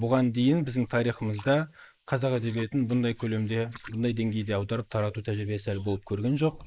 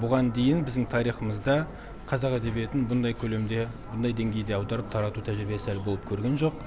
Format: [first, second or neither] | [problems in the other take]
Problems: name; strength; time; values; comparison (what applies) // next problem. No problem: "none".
second | noise reduction (neural mask model Resemble Enhance denoiser)